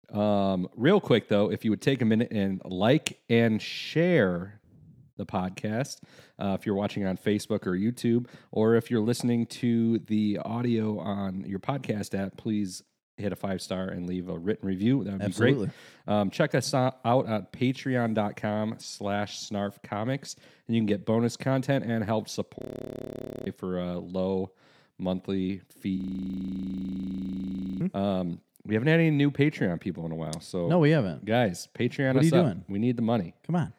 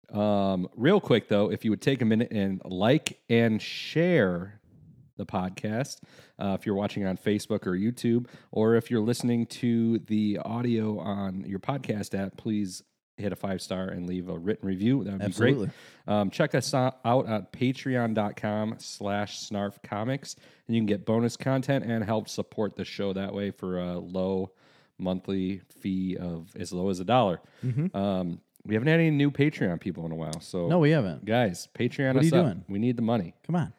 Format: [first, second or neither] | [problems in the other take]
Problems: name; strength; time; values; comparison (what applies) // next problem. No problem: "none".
second | audio freezing; at 23 s for 1 s and at 26 s for 2 s